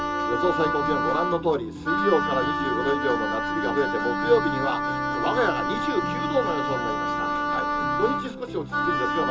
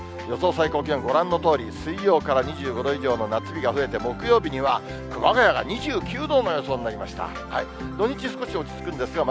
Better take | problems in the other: second | background sound (Wind instrument, woodwind instrument); as loud as the speech // room echo; dies away in 0.2 s

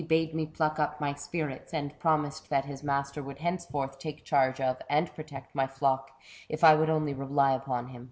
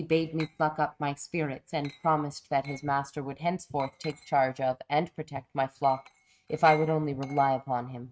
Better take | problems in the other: first | noise reduction (neural mask model RNNoise)

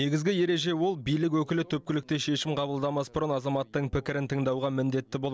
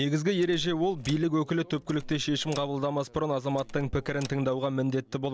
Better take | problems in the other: first | background sound (Door); 16 dB below the speech

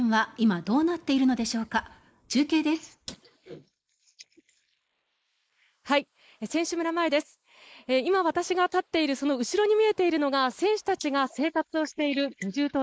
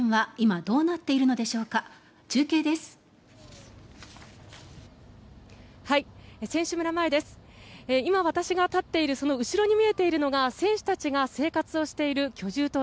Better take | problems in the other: second | noise reduction (neural mask model Resemble Enhance denoiser)

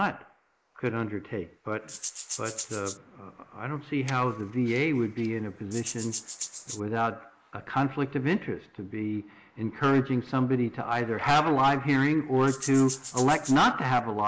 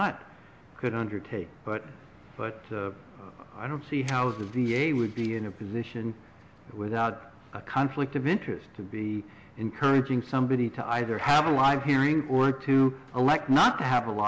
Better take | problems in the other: second | noise reduction (neural mask model Resemble Enhance denoiser)

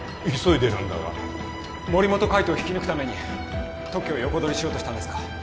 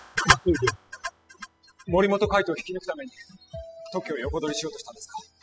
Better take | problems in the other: first | noise reduction (classical method spectral subtraction)

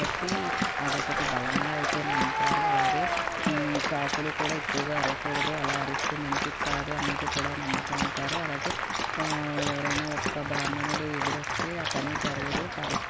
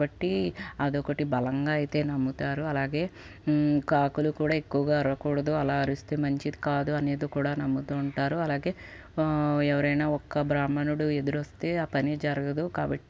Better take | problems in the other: second | background sound (Dog + Applause); 5 dB above the speech

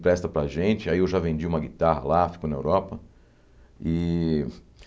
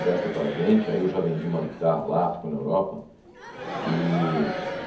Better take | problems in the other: first | background sound (Crowd); 9 dB below the speech // room echo; dies away in 0.7 s

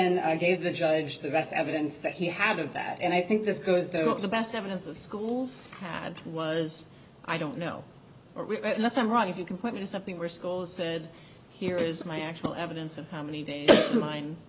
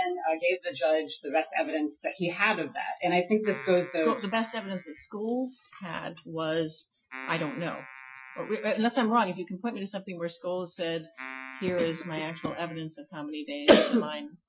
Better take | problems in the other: first | noise reduction (classical method Wiener filter)

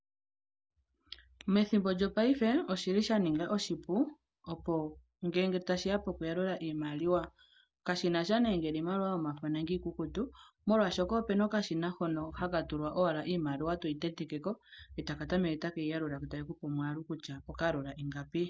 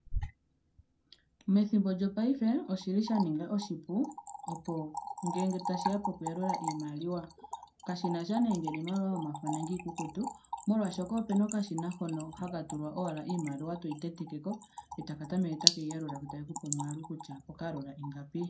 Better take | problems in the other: first | background sound (Trickle, dribble / Splash, splatter); 7 dB below the speech // room echo; dies away in 0.2 s

